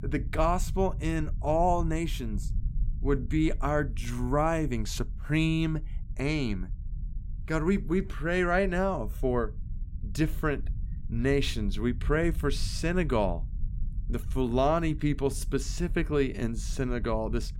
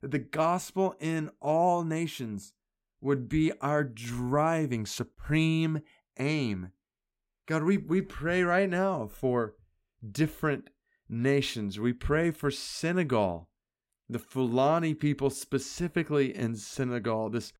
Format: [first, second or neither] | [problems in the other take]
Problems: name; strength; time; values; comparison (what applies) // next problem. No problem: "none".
second | low rumble; faint; throughout; 25 dB below the speech